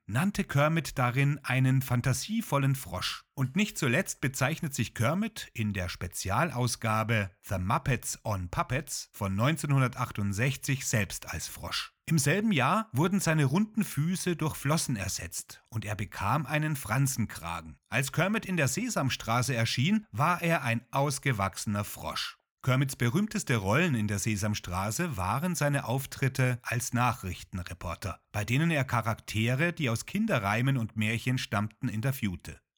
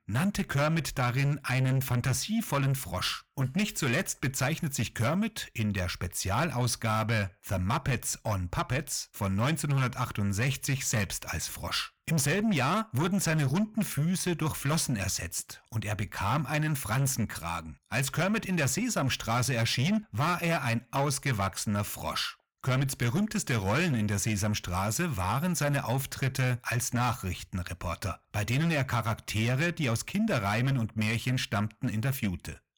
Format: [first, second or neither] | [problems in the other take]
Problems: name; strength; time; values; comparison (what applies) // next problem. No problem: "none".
first | distortion; slight; 10 dB below the speech